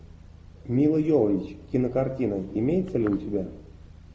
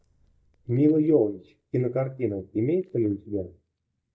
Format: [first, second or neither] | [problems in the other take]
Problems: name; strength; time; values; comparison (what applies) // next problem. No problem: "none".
first | noise reduction (neural mask model DeepFilterNet 3)